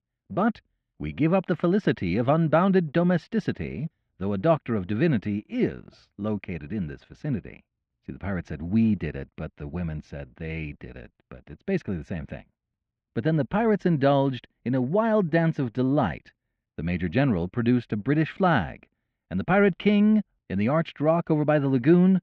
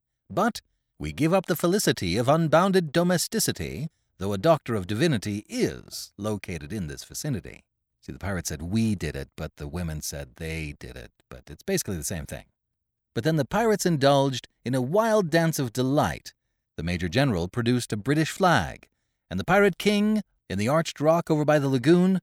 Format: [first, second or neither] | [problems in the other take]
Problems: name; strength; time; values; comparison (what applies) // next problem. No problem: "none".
second | muffled; very; fading above 2.5 kHz